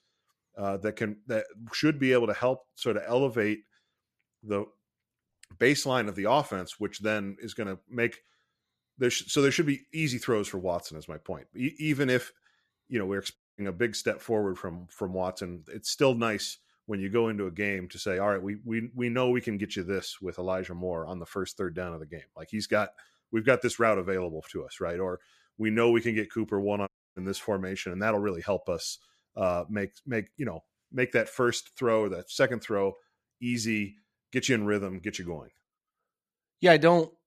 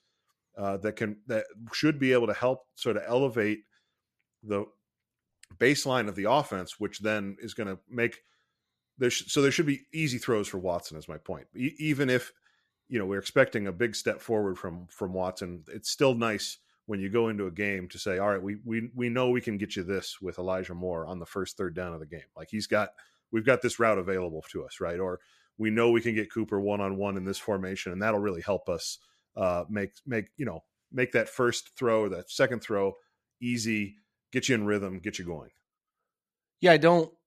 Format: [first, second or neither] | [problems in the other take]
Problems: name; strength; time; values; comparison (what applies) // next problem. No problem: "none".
second | audio cutting out; at 13 s and at 27 s